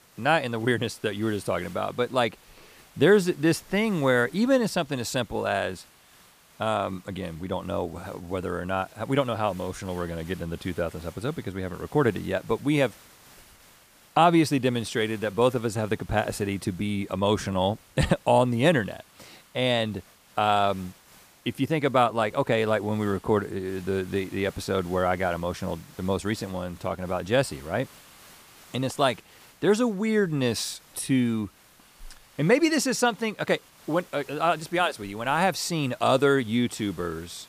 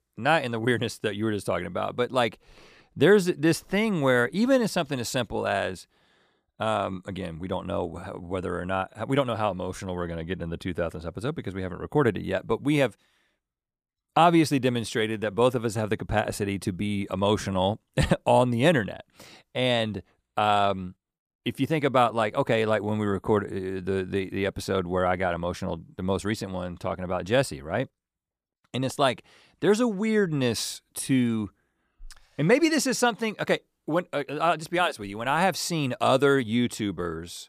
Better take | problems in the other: second | hiss; faint; throughout; 25 dB below the speech

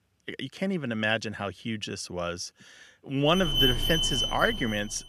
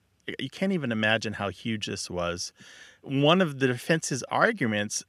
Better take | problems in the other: second | alarms or sirens; very loud; from 3.5 s on; 2 dB above the speech

